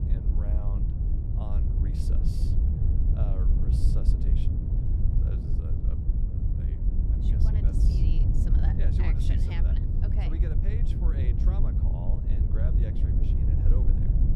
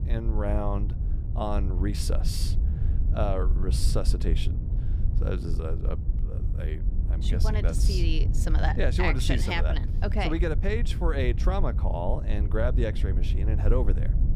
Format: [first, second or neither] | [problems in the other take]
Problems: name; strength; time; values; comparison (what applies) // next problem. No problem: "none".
second | wind noise on the microphone; heavy; 4 dB above the speech; occasional gusts in the second